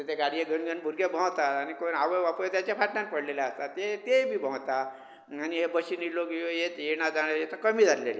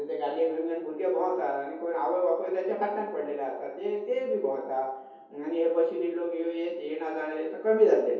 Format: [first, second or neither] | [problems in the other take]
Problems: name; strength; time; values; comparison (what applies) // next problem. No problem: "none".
first | room echo; dies away in 0.7 s